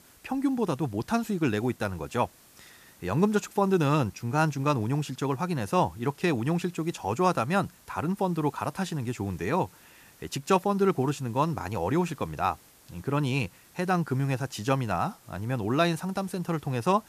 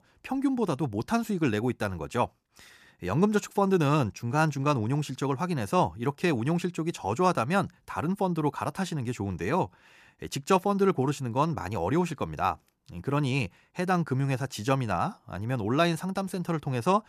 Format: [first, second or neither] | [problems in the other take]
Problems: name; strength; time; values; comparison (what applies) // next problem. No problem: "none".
second | hiss; faint; throughout; 25 dB below the speech